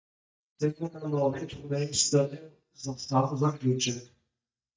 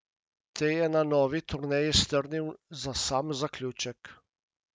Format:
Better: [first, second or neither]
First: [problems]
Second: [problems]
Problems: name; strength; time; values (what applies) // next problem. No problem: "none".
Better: second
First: noise reduction (neural mask model DeepFilterNet 3)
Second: none